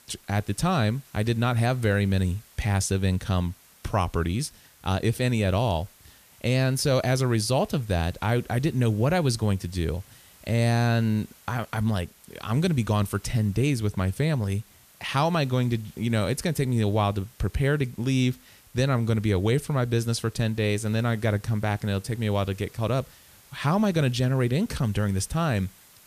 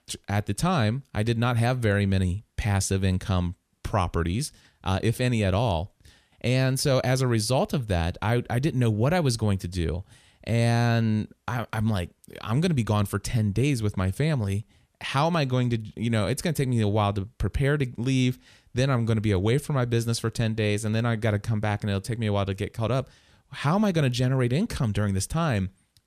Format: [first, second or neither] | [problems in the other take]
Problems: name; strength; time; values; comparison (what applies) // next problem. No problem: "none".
second | hiss; faint; throughout; 25 dB below the speech